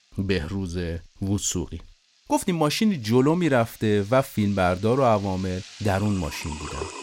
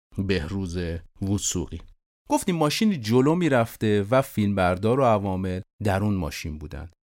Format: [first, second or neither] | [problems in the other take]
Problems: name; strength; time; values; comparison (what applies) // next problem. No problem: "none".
second | household noises; noticeable; throughout; 15 dB below the speech